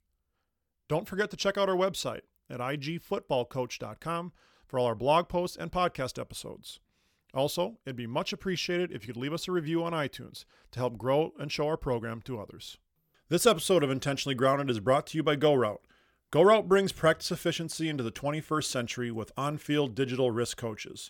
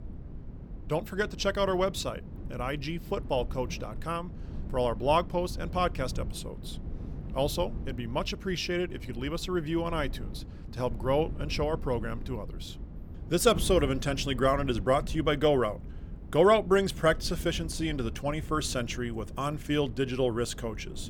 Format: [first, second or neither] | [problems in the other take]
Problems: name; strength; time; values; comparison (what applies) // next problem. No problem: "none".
first | wind noise on the microphone; occasional gusts; 20 dB below the speech